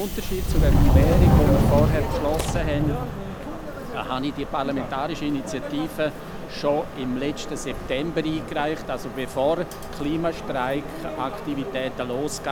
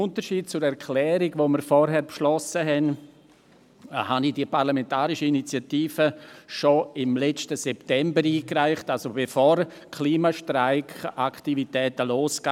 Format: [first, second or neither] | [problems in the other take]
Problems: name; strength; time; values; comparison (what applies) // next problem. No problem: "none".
second | background sound (Subway, metro, underground); 3 dB above the speech